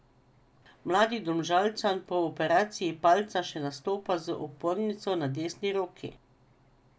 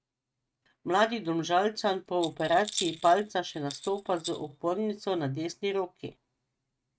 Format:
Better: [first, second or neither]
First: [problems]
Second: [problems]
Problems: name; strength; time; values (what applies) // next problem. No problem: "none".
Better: first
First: none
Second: noise reduction (neural mask model RNNoise)